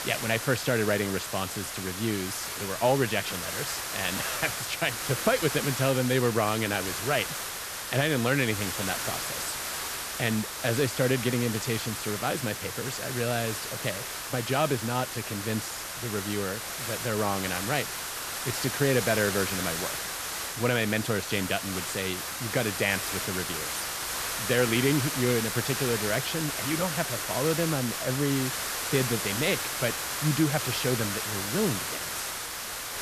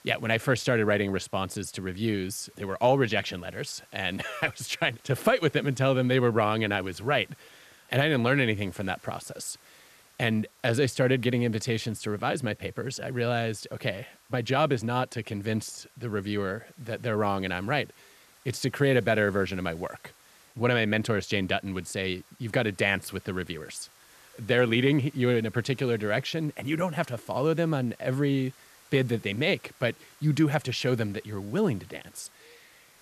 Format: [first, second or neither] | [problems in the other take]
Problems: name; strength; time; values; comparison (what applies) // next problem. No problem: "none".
second | hiss; loud; throughout; 2 dB below the speech; faint in the second